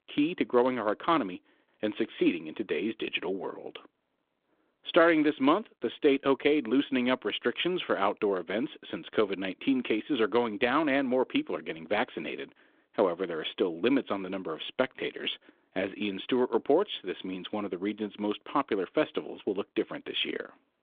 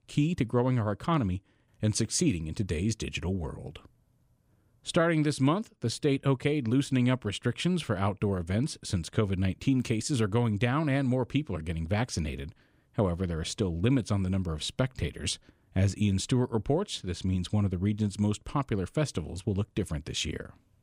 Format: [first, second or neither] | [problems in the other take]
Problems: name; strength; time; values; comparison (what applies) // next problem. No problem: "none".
second | phone-call audio; nothing above 3.5 kHz